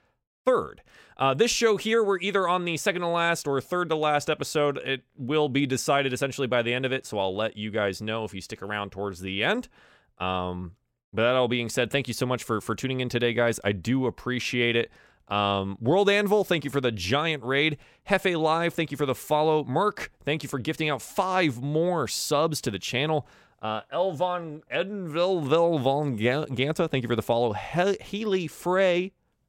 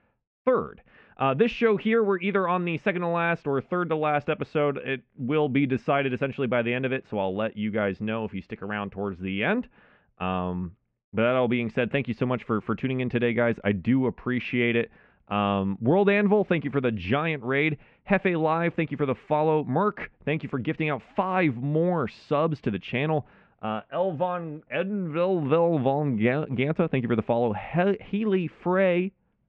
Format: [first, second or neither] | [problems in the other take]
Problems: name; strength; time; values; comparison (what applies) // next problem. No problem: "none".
first | muffled; very; fading above 2.5 kHz